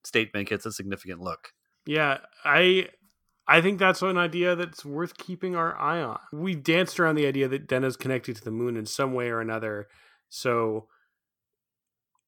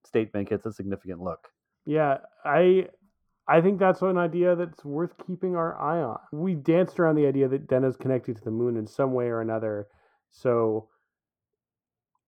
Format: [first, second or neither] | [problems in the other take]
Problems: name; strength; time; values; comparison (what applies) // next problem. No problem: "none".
first | muffled; very; fading above 1.5 kHz